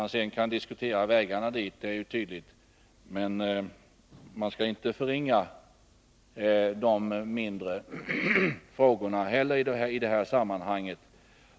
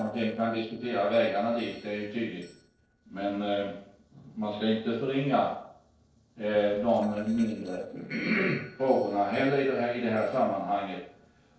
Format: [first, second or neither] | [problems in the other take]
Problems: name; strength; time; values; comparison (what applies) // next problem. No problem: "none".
first | noise reduction (neural separator model SepFormer DNS4)